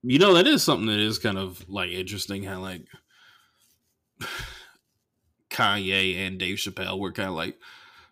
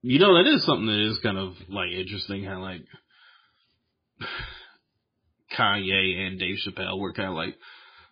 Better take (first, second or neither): first